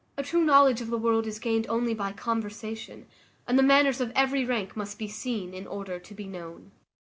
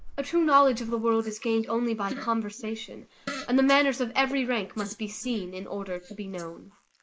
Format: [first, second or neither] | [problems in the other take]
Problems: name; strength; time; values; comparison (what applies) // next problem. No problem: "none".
first | noise reduction (neural mask model Resemble Enhance denoiser)